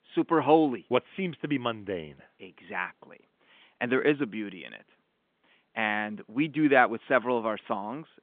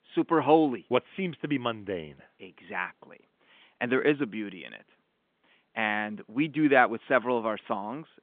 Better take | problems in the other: neither | phone-call audio; the same in both

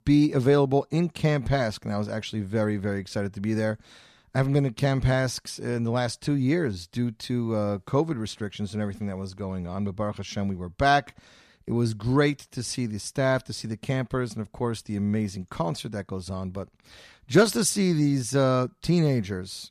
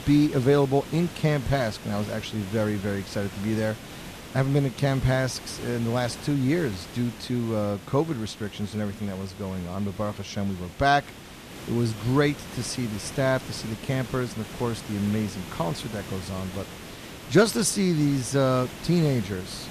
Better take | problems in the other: first | hiss; noticeable; throughout; 15 dB below the speech

